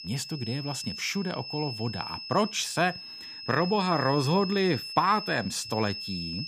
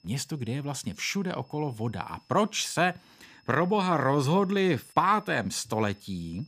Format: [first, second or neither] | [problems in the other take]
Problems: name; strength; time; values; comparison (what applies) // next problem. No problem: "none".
second | high-pitched whine; loud; throughout; 5 kHz, 8 dB below the speech; faint in the second